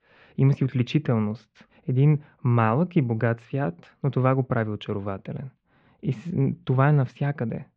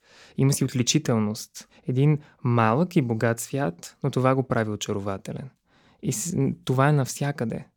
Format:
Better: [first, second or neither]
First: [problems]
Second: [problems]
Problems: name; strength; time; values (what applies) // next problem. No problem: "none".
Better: second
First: muffled; very; fading above 3 kHz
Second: none